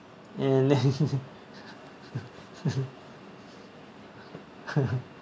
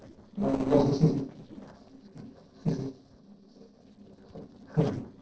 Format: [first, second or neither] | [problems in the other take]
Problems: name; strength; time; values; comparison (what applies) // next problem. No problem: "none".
first | noise reduction (neural separator model SepFormer DNS4)